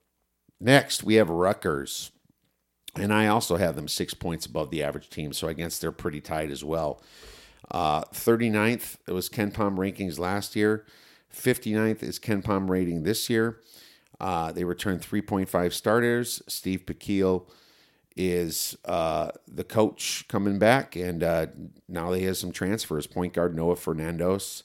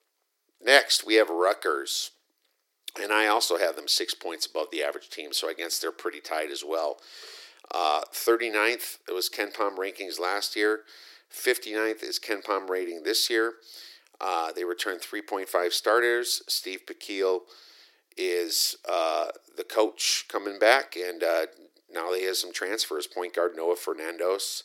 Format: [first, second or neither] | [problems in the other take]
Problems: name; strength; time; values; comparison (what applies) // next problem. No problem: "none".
first | thin; very; fading below 350 Hz